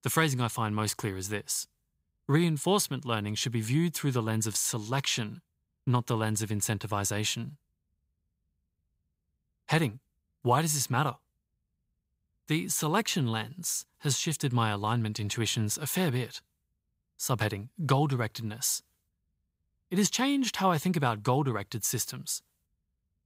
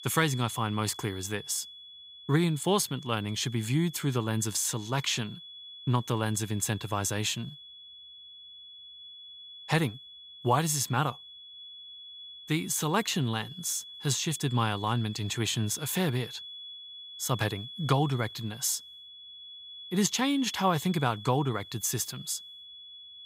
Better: first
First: none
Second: high-pitched whine; noticeable; throughout; 3.5 kHz, 15 dB below the speech

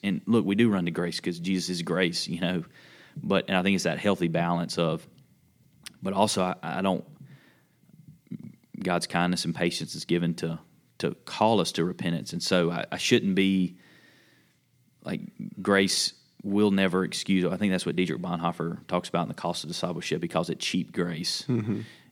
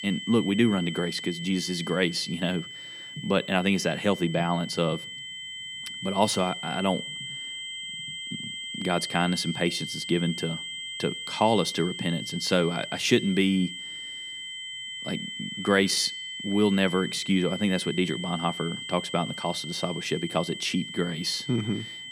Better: first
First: none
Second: high-pitched whine; loud; throughout; 3 kHz, 8 dB below the speech

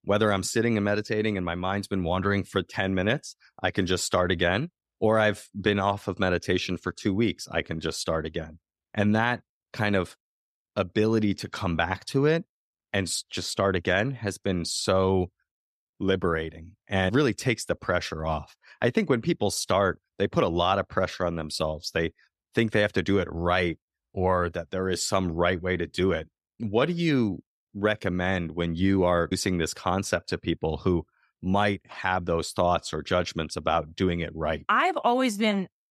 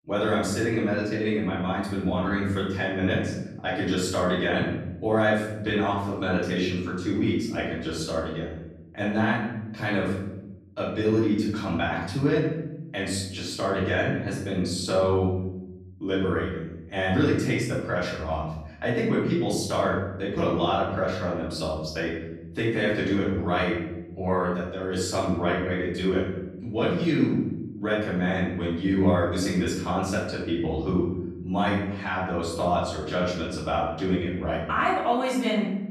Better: first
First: none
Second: off-mic speech; far // room echo; noticeable; dies away in 1 s

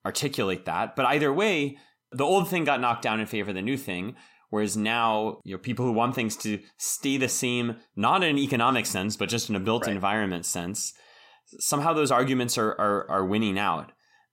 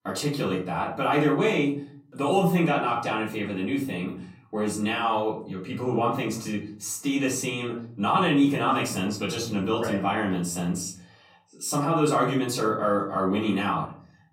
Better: first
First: none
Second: off-mic speech; far // room echo; slight; dies away in 0.5 s

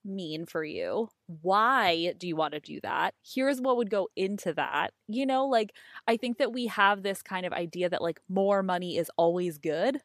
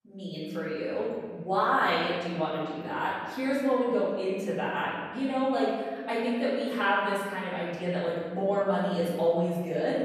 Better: first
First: none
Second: off-mic speech; far // room echo; strong; dies away in 1.8 s

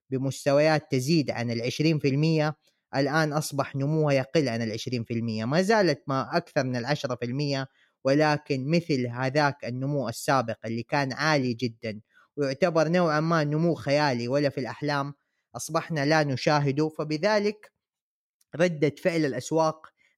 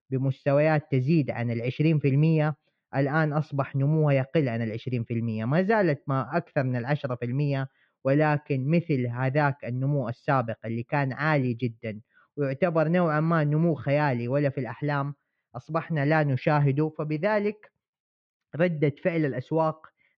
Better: first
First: none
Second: muffled; very; fading above 3 kHz

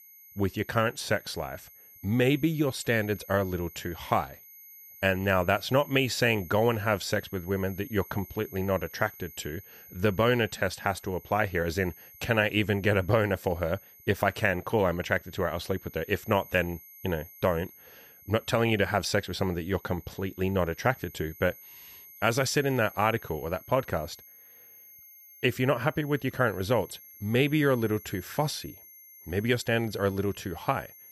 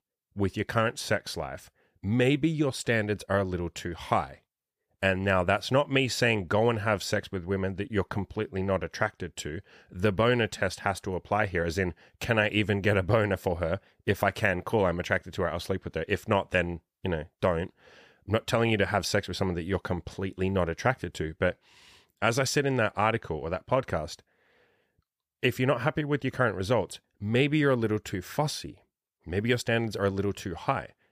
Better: second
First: high-pitched whine; noticeable; throughout; 12 kHz, 20 dB below the speech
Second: none

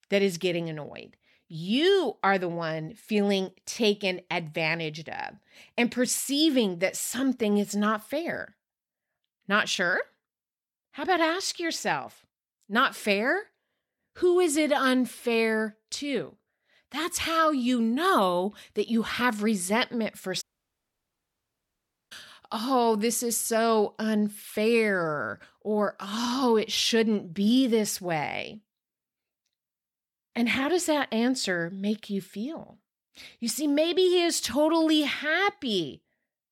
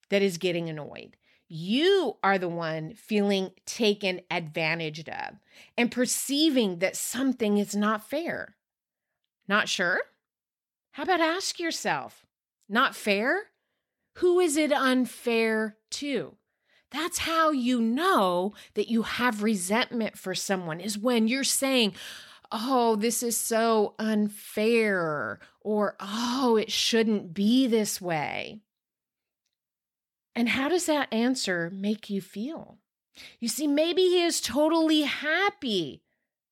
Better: second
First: audio cutting out; at 20 s for 1.5 s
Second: none

